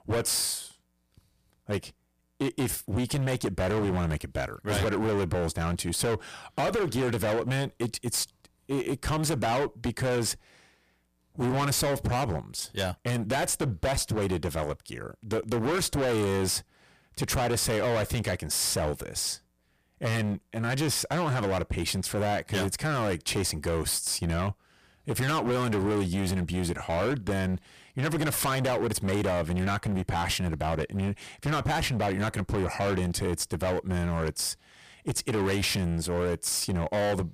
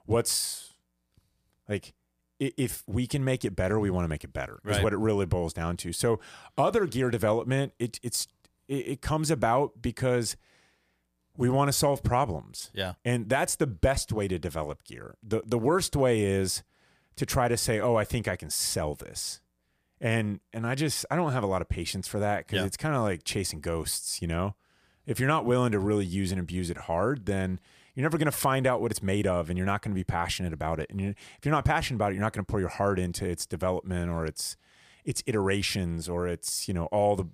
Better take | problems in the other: second | distortion; heavy; 23% of the sound clipped

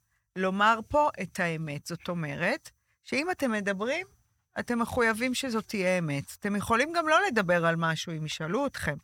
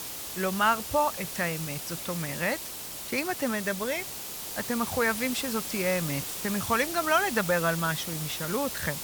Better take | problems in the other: first | hiss; loud; throughout; 5 dB below the speech

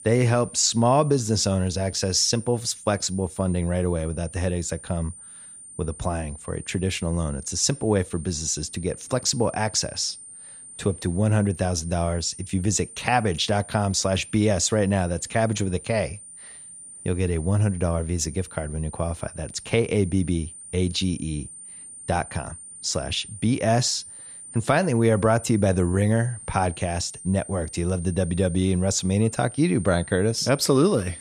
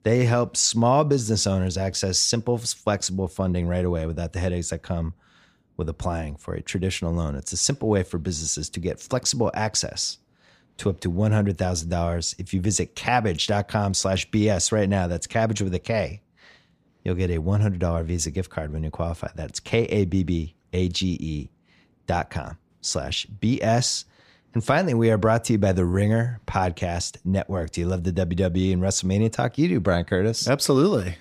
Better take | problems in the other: second | high-pitched whine; noticeable; throughout; 9 kHz, 15 dB below the speech

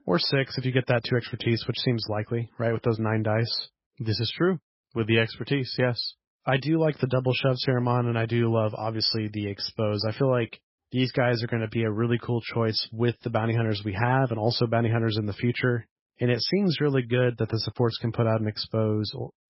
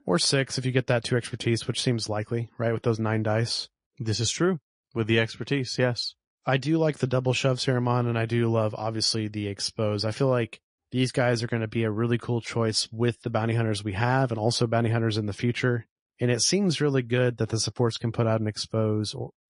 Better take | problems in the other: second | garbled, watery; badly; nothing above 5.5 kHz; slightly in the second

